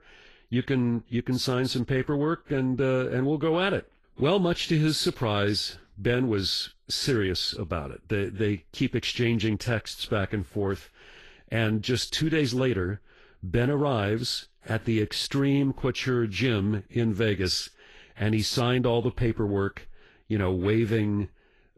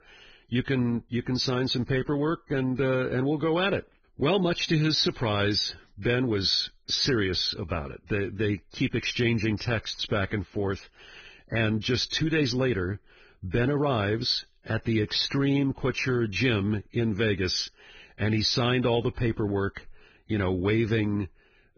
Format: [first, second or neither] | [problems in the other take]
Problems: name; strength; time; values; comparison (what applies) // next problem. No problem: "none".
first | garbled, watery; badly; nothing above 6 kHz; slightly in the first